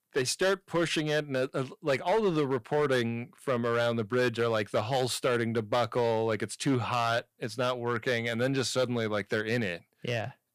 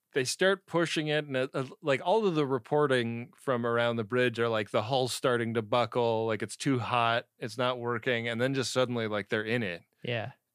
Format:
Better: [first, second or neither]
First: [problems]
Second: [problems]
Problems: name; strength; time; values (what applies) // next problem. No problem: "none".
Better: second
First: distortion; slight; 5% of the sound clipped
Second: none